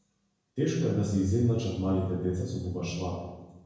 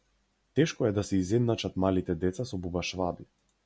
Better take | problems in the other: second | room echo; dies away in 1 s

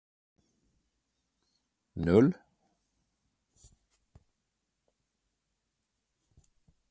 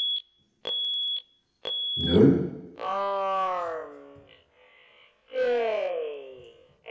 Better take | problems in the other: first | background sound (Alarm); as loud as the speech // room echo; dies away in 0.8 s

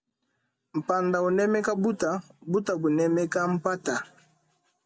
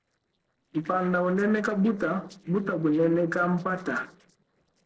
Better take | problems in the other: first | noise reduction (neural separator model SepFormer DNS4)

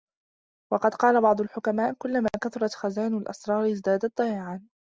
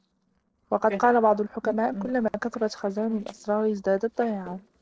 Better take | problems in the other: first | noise reduction (neural separator model SepFormer DNS4)

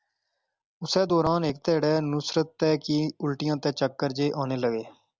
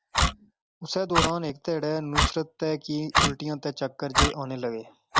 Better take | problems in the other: first | background sound (Clock); 2 dB above the speech

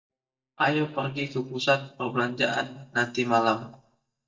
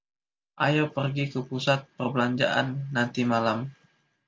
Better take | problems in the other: second | noise reduction (neural mask model DeepFilterNet 3)

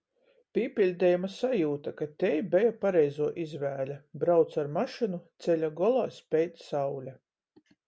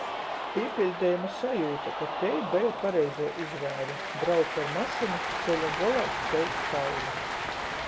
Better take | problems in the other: first | background sound (Cheering); 3 dB below the speech

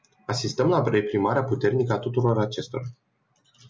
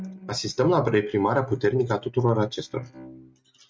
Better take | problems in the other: first | noise reduction (neural mask model RNNoise)

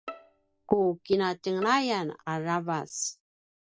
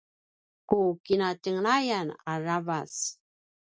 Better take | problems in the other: second | background sound (Bowed string instrument); 19 dB below the speech

